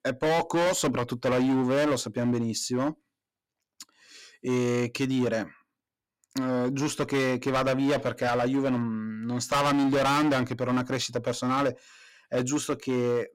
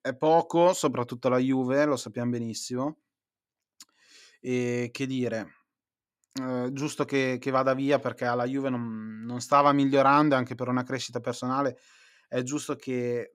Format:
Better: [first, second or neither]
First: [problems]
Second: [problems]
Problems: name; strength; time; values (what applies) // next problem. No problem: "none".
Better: second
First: distortion; heavy; 15% of the sound clipped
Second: none